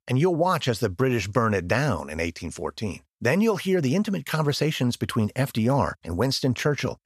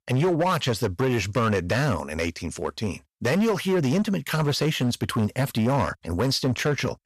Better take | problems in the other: first | distortion; slight; 11% of the sound clipped

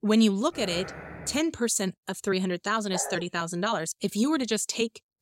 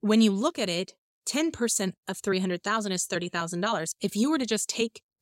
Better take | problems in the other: second | dog barking; faint; at 0.5 s; peak 10 dB below the speech // dog barking; noticeable; at 3 s; peak 8 dB below the speech

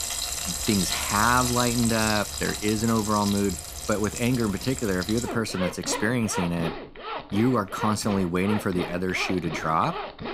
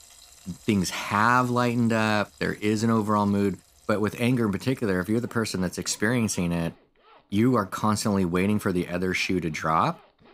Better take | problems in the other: second | household noises; loud; throughout; 5 dB below the speech; faint in the second

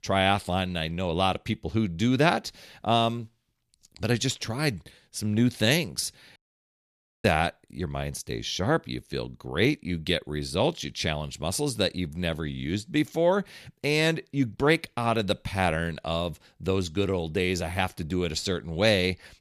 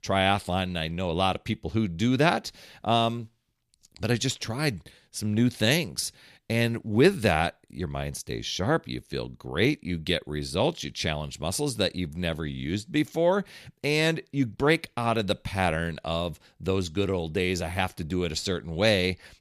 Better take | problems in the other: second | audio cutting out; at 6.5 s for 1 s

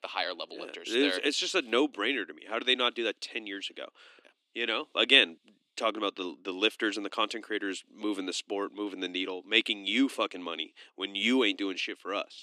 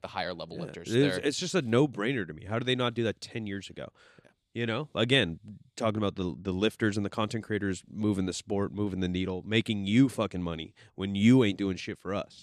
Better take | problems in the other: second | thin; somewhat; fading below 300 Hz

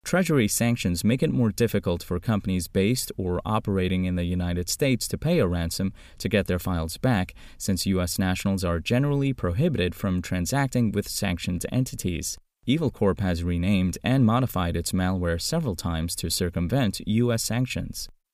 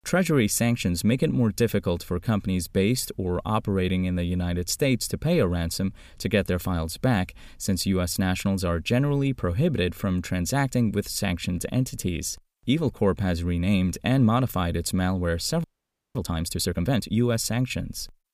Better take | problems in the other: first | audio freezing; at 16 s for 0.5 s

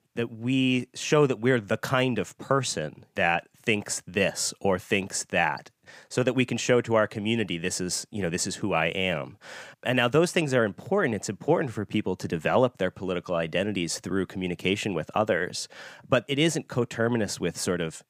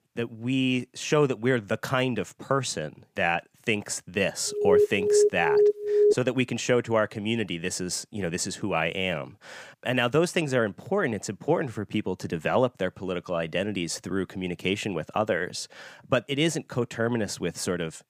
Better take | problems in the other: first | alarm; loud; from 4.5 to 6 s; peak 6 dB above the speech

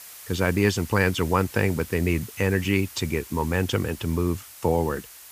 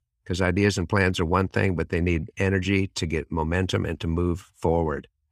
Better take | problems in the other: second | hiss; noticeable; throughout; 15 dB below the speech

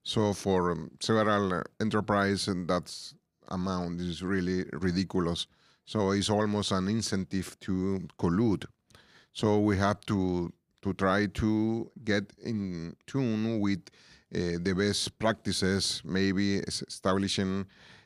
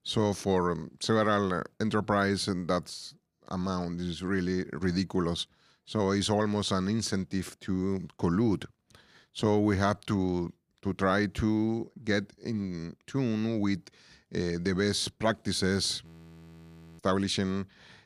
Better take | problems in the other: first | audio freezing; at 16 s for 1 s

